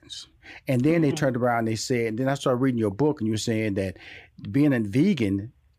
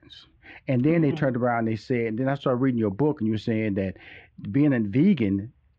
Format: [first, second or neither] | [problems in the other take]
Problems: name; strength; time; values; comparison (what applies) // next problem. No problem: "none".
first | muffled; slightly; fading above 3 kHz